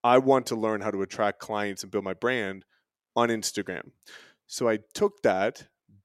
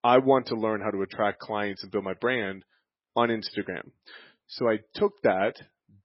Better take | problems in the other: first | garbled, watery; badly; nothing above 5.5 kHz

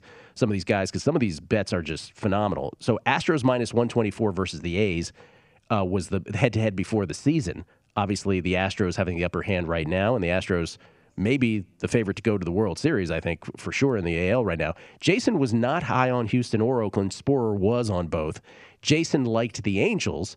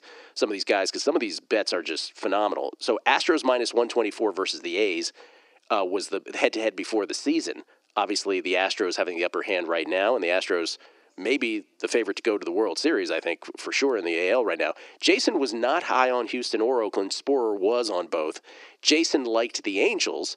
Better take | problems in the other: first | thin; somewhat; fading below 300 Hz

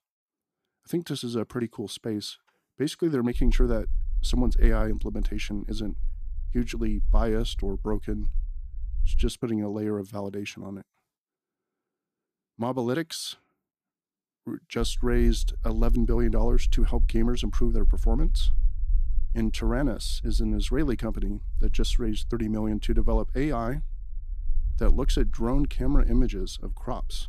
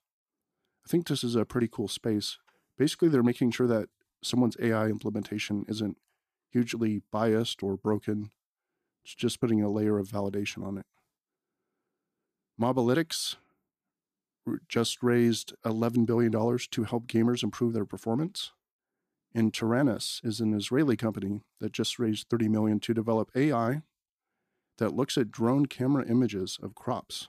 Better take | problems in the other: second | low rumble; faint; from 3.5 to 9.5 s and from 15 s on; 25 dB below the speech

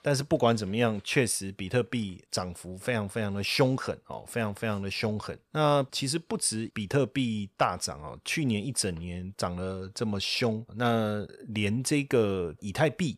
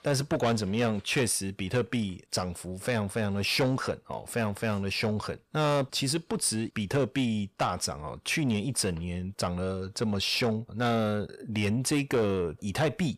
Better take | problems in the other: first | distortion; slight; 10 dB below the speech

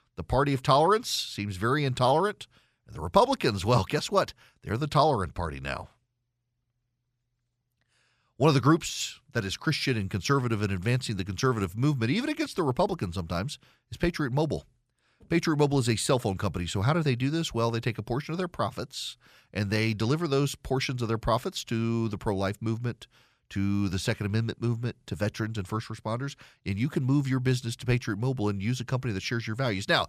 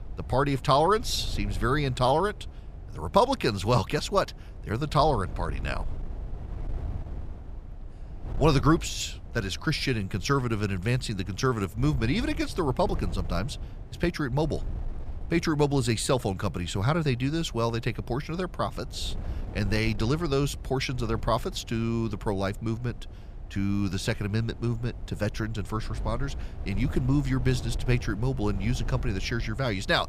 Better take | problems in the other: first | wind noise on the microphone; occasional gusts; 20 dB below the speech

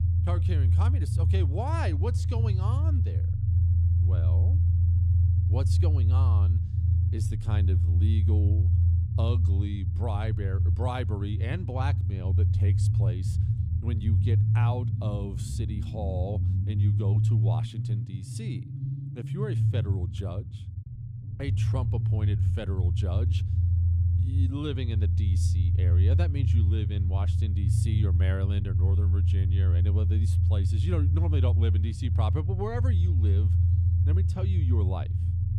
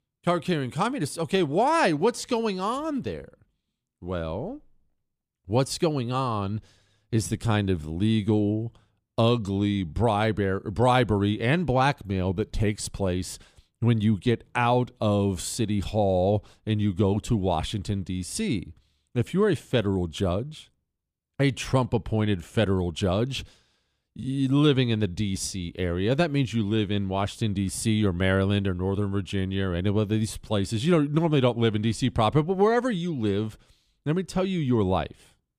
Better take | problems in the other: second | low rumble; loud; throughout; 1 dB below the speech

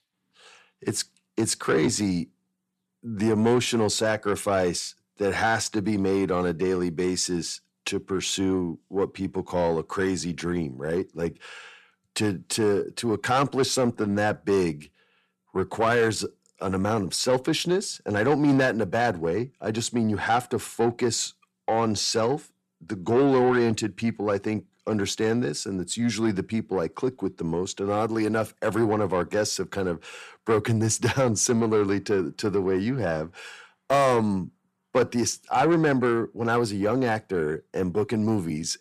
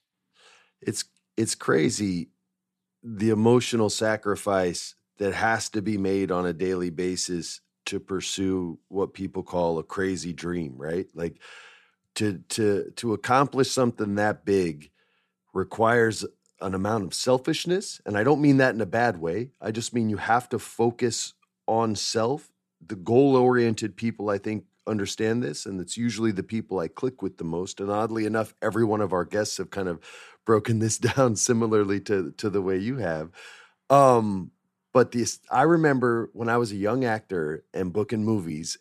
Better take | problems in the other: second | distortion; slight; 10 dB below the speech

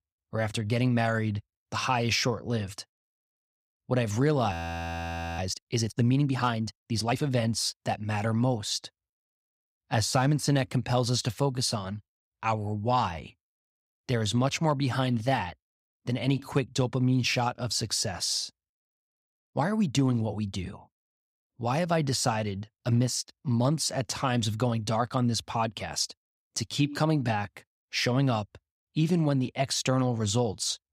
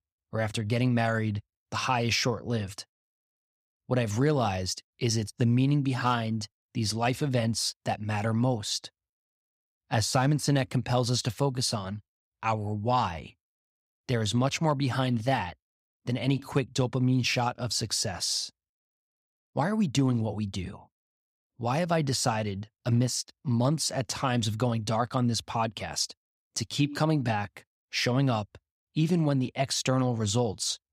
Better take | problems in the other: second | audio freezing; at 4.5 s for 1 s

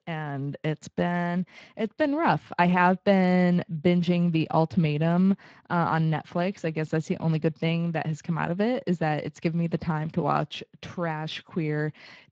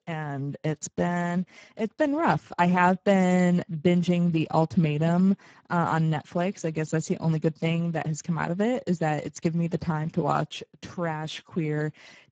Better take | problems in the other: first | garbled, watery; badly; nothing above 7.5 kHz; slightly in the first

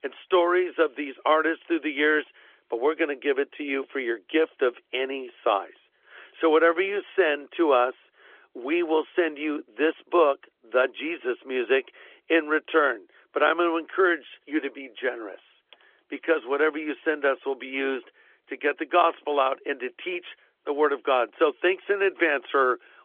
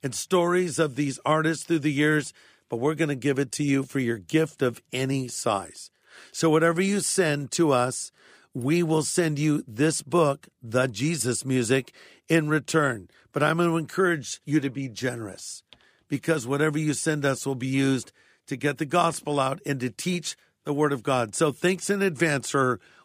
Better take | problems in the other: second | phone-call audio; nothing above 3.5 kHz

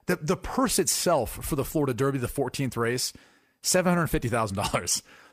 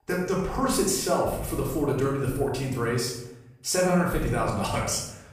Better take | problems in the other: first | off-mic speech; far // room echo; noticeable; dies away in 0.8 s

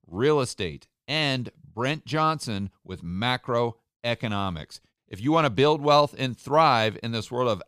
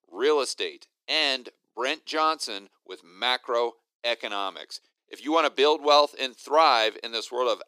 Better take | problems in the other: first | thin; somewhat; fading below 300 Hz

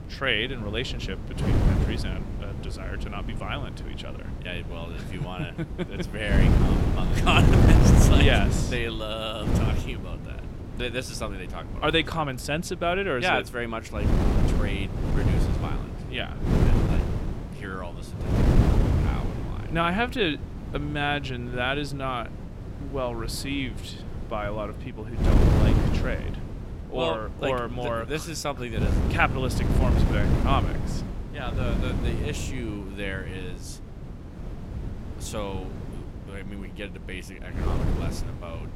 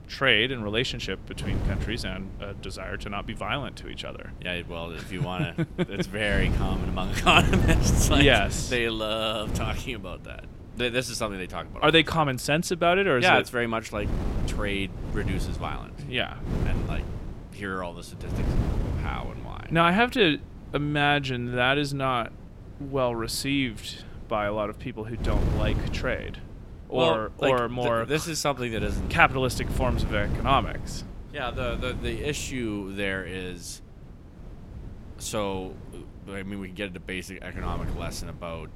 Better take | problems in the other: second | wind noise on the microphone; heavy; 5 dB below the speech; occasional gusts in the second

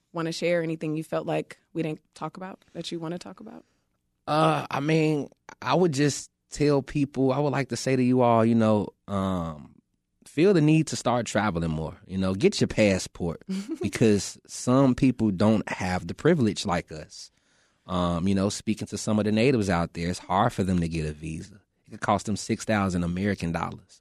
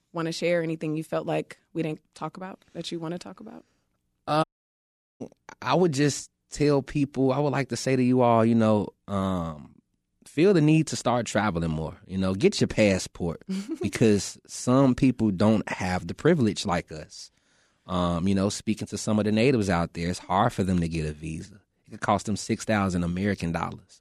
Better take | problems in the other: first | audio cutting out; at 4.5 s for 1 s

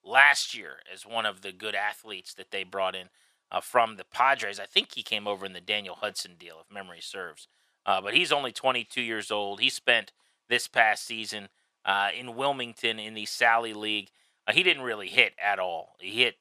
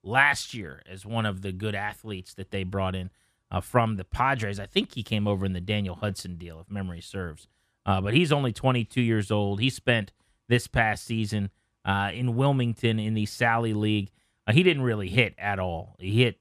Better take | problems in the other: second | thin; very; fading below 550 Hz

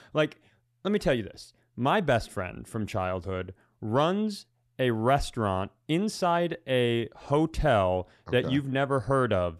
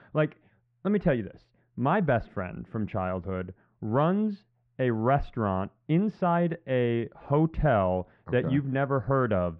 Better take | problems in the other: first | muffled; very; fading above 2 kHz

